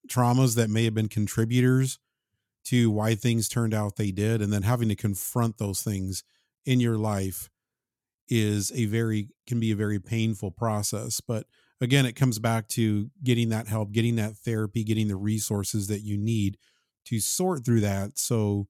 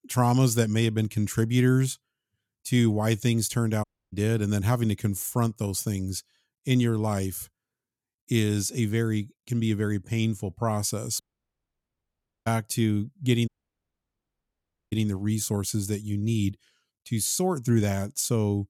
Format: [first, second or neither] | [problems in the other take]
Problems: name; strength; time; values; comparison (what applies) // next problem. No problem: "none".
first | audio cutting out; at 4 s, at 11 s for 1.5 s and at 13 s for 1.5 s